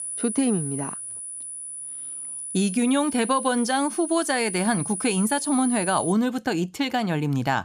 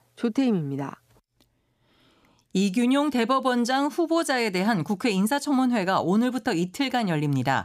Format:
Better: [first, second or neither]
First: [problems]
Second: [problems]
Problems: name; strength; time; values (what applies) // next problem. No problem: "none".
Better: second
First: high-pitched whine; loud; until 6 s; 10 kHz, 7 dB below the speech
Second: none